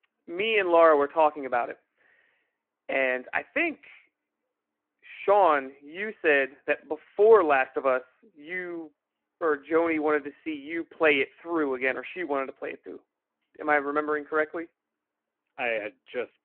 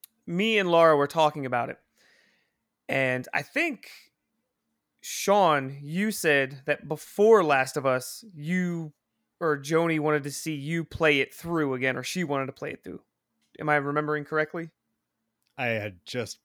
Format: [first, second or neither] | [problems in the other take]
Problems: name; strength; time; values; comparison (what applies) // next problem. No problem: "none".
second | phone-call audio